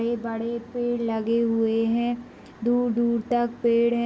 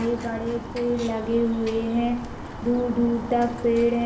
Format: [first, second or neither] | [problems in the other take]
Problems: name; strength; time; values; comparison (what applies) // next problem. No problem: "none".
first | background sound (Bird); 11 dB below the speech // room echo; dies away in 1.1 s